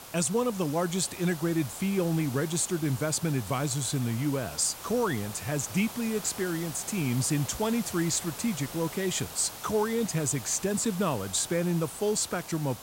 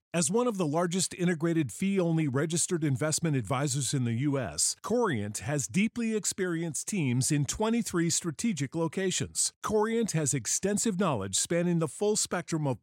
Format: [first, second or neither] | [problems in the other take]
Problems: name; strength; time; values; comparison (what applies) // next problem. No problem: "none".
second | hiss; noticeable; throughout; 10 dB below the speech